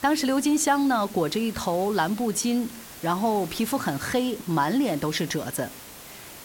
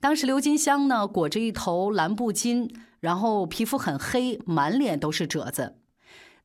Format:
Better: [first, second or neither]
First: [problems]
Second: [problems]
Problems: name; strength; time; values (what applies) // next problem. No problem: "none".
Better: second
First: hiss; noticeable; throughout; 15 dB below the speech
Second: none